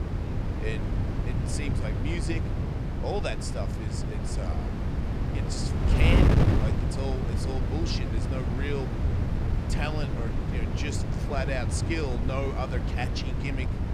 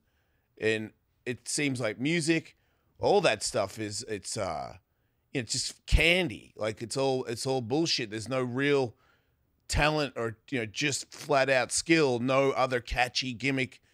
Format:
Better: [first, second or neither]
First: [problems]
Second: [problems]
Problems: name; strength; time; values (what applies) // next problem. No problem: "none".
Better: second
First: wind noise on the microphone; heavy; 1 dB below the speech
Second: none